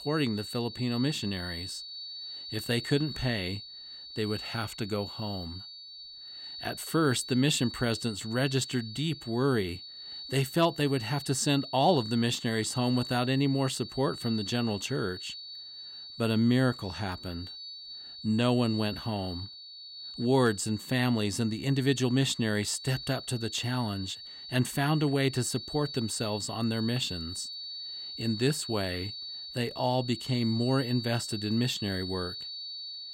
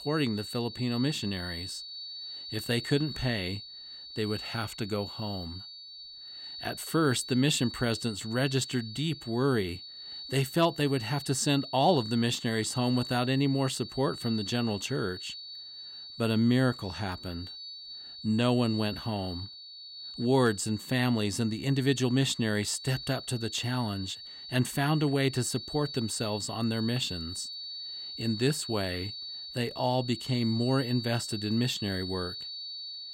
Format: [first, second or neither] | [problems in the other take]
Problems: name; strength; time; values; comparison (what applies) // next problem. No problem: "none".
neither | high-pitched whine; loud; throughout; 4.5 kHz, 10 dB below the speech; the same in both